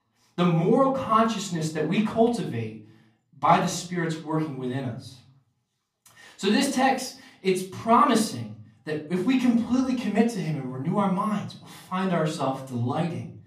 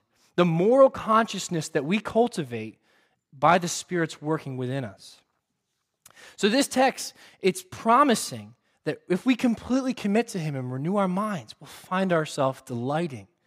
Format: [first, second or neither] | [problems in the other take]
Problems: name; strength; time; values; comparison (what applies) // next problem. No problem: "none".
second | off-mic speech; far // room echo; slight; dies away in 0.4 s